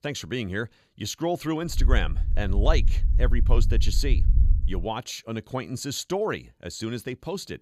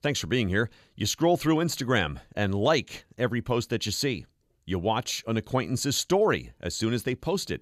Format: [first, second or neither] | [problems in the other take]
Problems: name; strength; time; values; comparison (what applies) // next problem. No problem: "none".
second | low rumble; noticeable; from 1.5 to 5 s; 15 dB below the speech